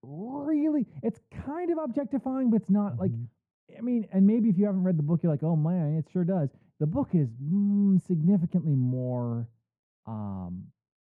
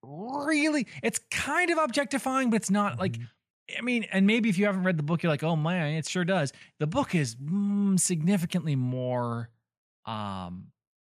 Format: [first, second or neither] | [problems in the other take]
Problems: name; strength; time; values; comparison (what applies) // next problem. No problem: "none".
second | muffled; very; fading above 1 kHz